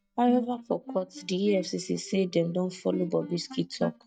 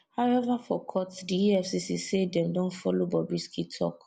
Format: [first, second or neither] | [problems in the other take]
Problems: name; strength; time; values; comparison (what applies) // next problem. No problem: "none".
second | noise reduction (neural mask model DeepFilterNet 3)